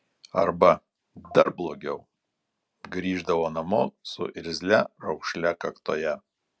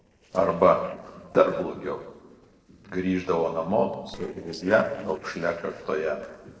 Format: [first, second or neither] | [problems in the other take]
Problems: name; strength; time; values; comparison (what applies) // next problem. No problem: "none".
first | noise reduction (neural separator model SepFormer DNS4)